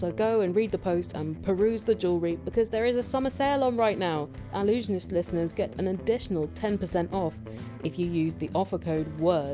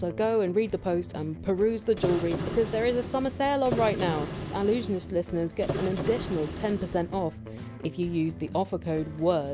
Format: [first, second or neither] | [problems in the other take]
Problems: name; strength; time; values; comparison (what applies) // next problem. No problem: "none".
first | background sound (Printer); 7 dB below the speech